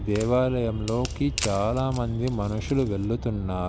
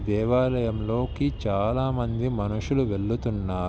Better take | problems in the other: second | background sound (Wood); 15 dB below the speech

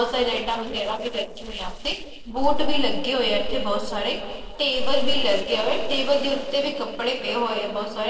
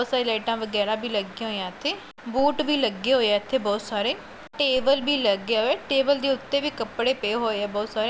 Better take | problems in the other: second | noise reduction (neural separator model SepFormer DNS4)

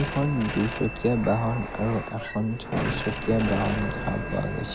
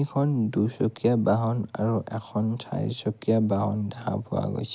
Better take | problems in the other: second | background sound (Sliding door + Telephone); 5 dB below the speech

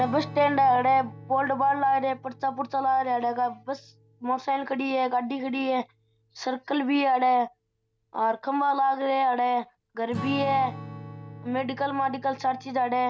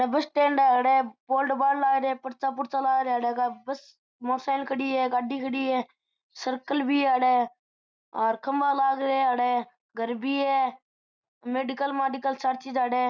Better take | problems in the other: second | background sound (Strum); 17 dB below the speech

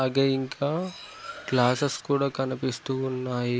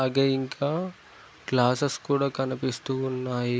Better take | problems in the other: second | background sound (Cutlery, silverware); 15 dB below the speech

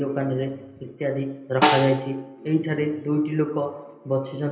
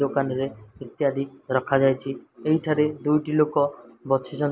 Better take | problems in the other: second | background sound (Snare drum); 3 dB below the speech // room echo; dies away in 0.8 s

